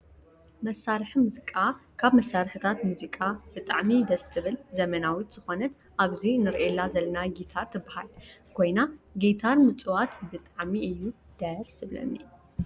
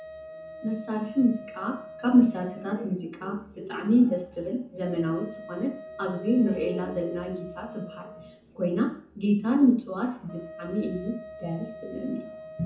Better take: first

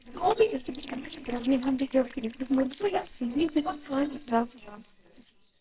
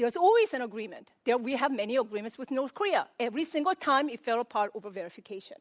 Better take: second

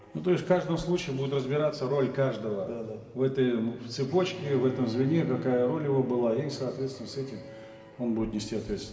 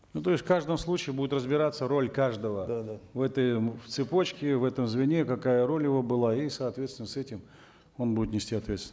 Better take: second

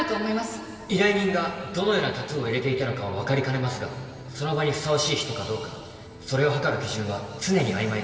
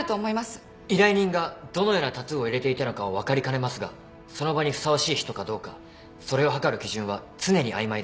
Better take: second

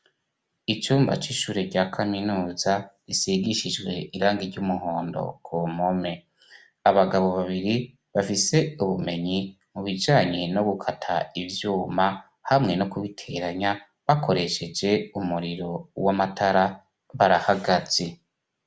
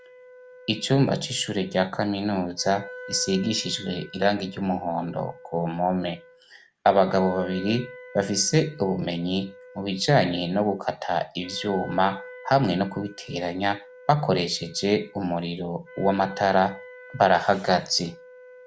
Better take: first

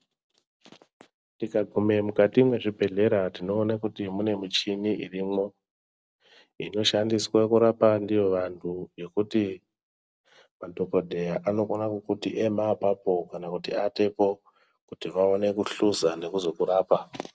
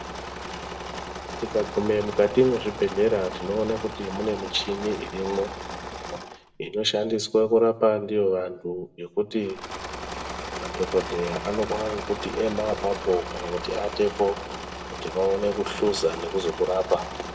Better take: first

